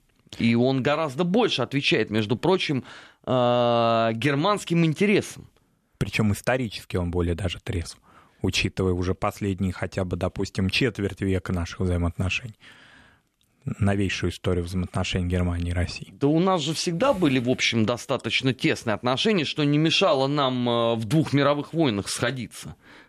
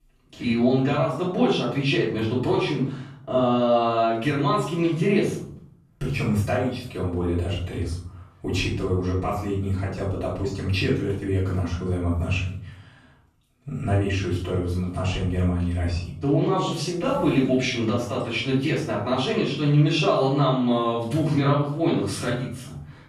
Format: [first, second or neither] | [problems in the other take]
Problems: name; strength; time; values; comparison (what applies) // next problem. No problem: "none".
first | off-mic speech; far // room echo; noticeable; dies away in 0.7 s